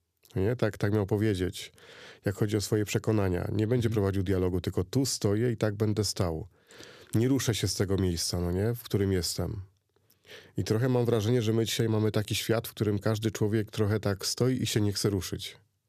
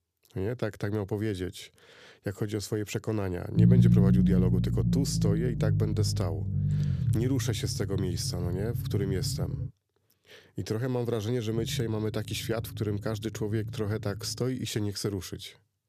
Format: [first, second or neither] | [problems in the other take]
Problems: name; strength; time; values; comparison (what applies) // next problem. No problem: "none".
first | low rumble; loud; from 3.5 to 9.5 s and from 12 to 14 s; 3 dB below the speech